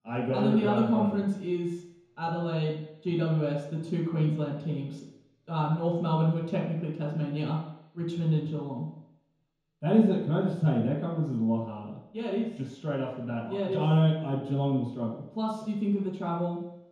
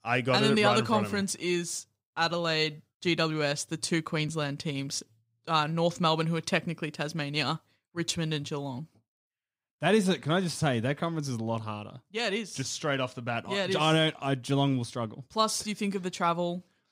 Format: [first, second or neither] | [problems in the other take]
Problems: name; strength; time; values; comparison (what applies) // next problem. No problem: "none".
second | room echo; noticeable; dies away in 3 s // off-mic speech; far